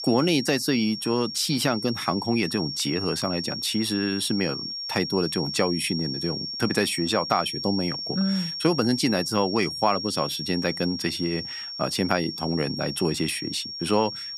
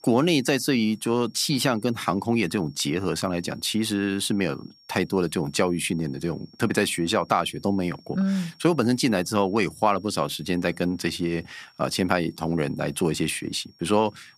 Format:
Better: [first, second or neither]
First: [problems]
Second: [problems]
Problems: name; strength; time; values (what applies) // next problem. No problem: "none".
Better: second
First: high-pitched whine; loud; throughout; 5.5 kHz, 5 dB below the speech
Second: high-pitched whine; faint; throughout; 5.5 kHz, 30 dB below the speech